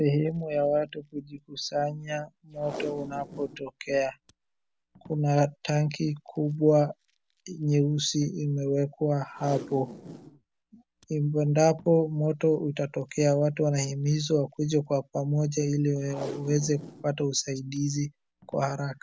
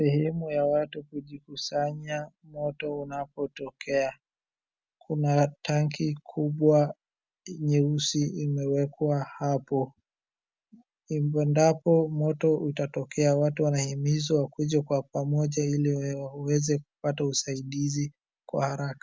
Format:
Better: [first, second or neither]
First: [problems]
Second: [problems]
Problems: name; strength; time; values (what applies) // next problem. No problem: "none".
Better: second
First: background sound (Packing tape, duct tape); 19 dB below the speech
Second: none